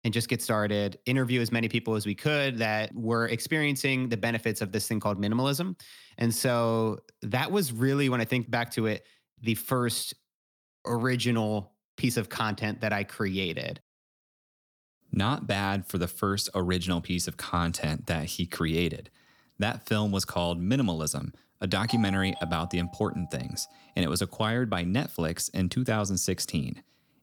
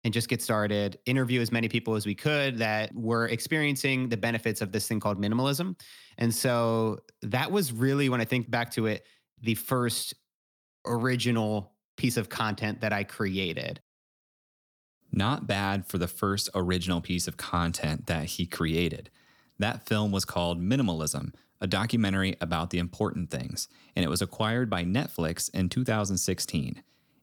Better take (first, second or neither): second